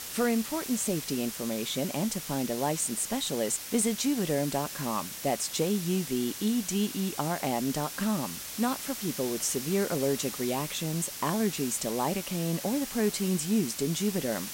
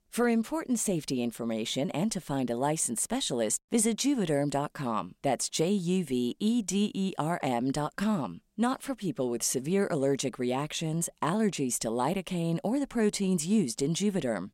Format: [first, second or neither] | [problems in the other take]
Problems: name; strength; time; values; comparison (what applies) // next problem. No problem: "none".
second | hiss; loud; throughout; 7 dB below the speech